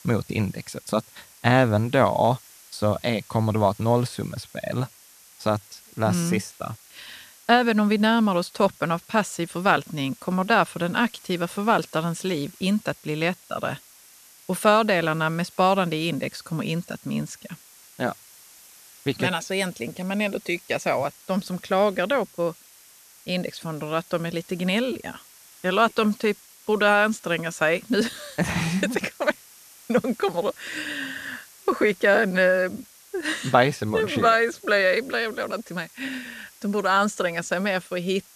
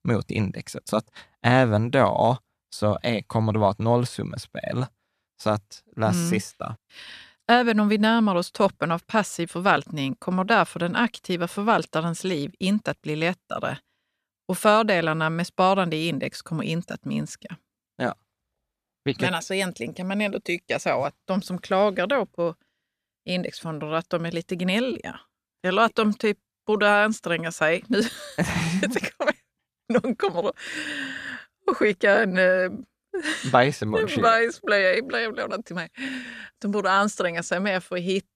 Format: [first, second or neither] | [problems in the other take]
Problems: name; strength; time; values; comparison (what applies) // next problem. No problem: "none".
second | hiss; faint; throughout; 25 dB below the speech